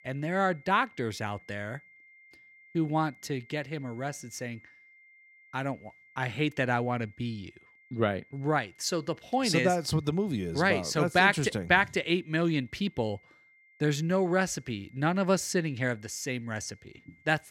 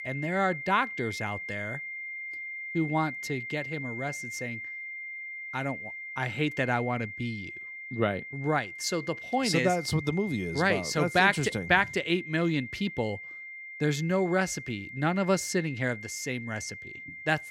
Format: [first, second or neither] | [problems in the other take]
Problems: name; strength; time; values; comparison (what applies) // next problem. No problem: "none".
first | high-pitched whine; loud; throughout; 2 kHz, 9 dB below the speech; faint in the first